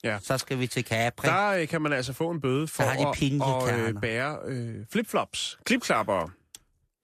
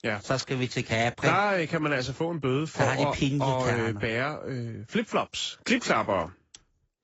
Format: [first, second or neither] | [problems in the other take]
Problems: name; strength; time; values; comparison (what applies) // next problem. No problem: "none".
first | garbled, watery; badly; nothing above 7.5 kHz